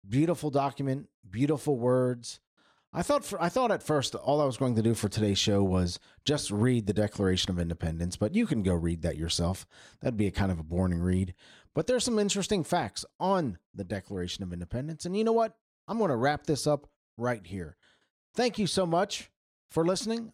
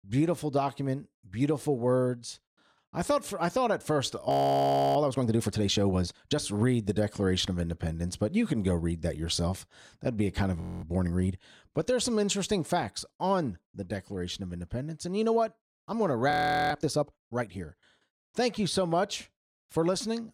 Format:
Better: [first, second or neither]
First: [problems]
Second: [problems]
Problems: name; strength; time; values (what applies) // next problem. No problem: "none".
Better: first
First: none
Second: audio freezing; at 4.5 s for 0.5 s, at 11 s and at 16 s